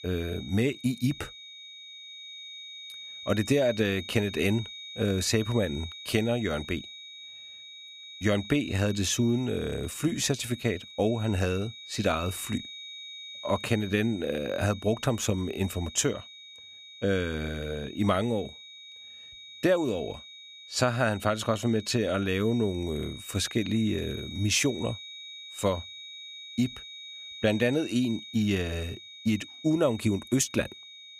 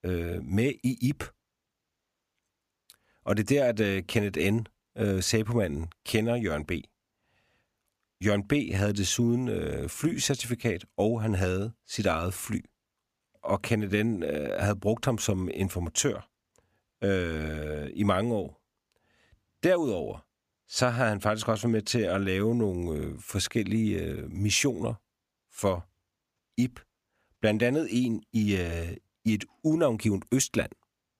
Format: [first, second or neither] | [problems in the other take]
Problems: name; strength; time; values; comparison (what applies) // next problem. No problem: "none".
second | high-pitched whine; noticeable; throughout; 4 kHz, 15 dB below the speech